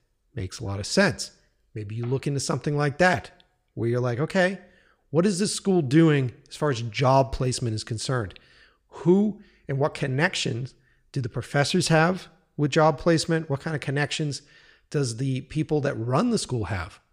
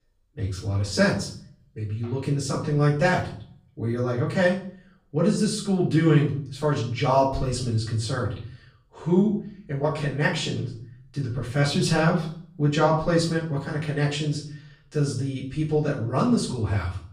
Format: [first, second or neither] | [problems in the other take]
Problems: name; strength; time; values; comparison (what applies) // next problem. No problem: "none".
first | off-mic speech; far // room echo; slight; dies away in 0.5 s